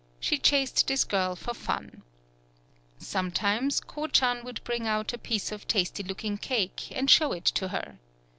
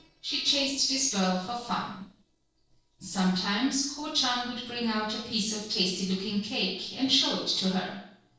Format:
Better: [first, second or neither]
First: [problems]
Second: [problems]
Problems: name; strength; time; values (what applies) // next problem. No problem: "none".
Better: first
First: none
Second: noise reduction (neural separator model SepFormer DNS4)